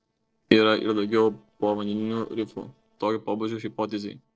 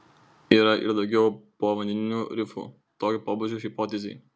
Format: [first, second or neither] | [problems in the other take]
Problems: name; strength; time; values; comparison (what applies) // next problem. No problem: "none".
second | noise reduction (neural separator model SepFormer DNS4)